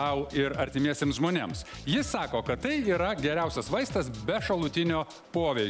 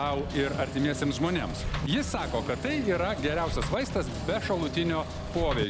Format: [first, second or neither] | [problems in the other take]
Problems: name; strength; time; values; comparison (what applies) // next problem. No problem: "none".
first | background sound (Engine / Mechanisms); 5 dB below the speech